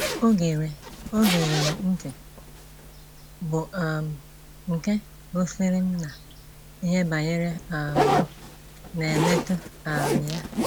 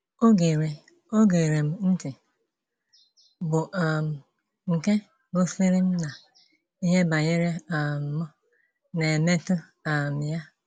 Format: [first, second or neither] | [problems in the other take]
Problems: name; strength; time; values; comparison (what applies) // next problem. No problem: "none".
second | background sound (Zipper (clothing)); 4 dB below the speech